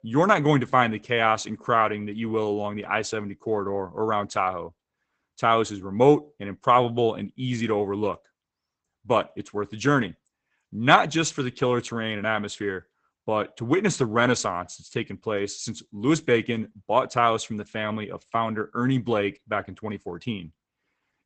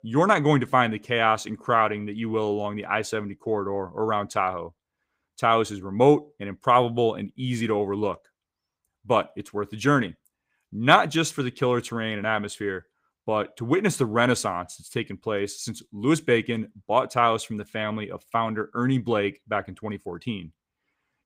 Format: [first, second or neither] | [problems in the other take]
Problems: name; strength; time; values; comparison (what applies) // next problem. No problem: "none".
second | garbled, watery; badly; nothing above 8 kHz; slightly in the second